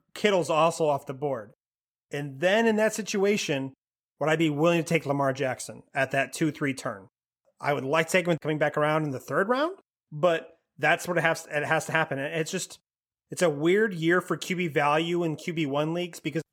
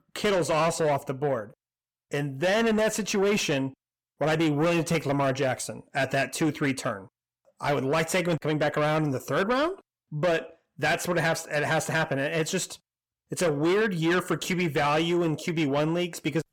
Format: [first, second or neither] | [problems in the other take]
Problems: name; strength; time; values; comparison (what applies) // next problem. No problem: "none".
first | distortion; heavy; 8 dB below the speech